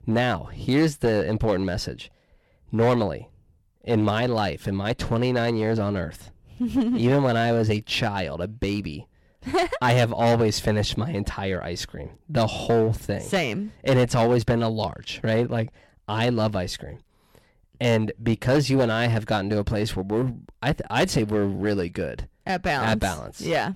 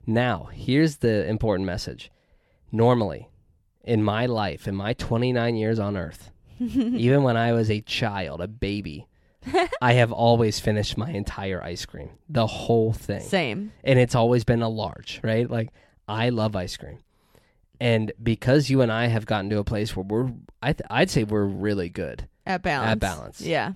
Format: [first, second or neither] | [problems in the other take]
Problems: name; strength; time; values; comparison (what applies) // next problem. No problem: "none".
second | distortion; slight; 7% of the sound clipped